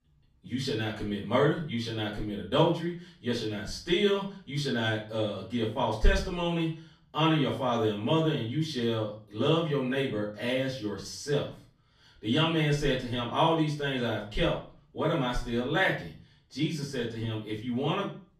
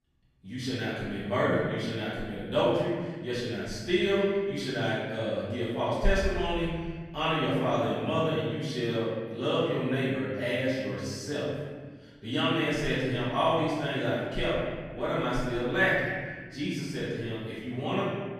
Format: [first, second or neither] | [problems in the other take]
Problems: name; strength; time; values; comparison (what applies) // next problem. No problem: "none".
first | room echo; strong; dies away in 1.7 s; slight in the first // off-mic speech; far; far in the first